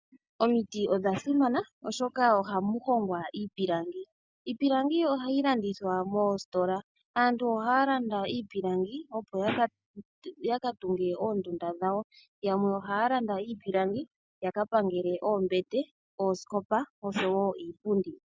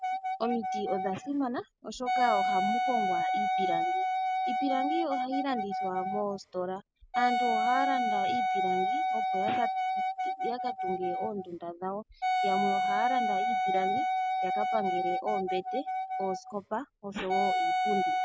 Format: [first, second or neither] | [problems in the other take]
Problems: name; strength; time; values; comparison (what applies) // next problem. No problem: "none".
first | background sound (Wind instrument, woodwind instrument); 4 dB above the speech